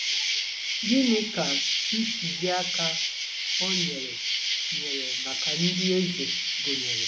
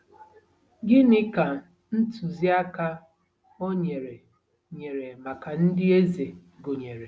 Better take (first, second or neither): second